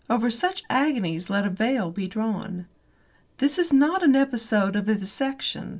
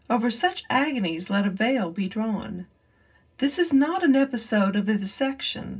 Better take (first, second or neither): first